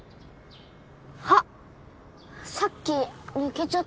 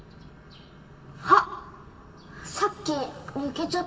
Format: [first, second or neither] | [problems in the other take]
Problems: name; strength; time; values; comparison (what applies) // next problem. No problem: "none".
first | room echo; dies away in 1.4 s